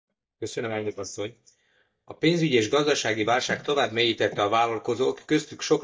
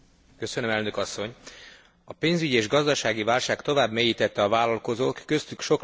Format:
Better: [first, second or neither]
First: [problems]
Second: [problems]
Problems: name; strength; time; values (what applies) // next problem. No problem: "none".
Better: second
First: noise reduction (neural mask model DeepFilterNet 3)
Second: none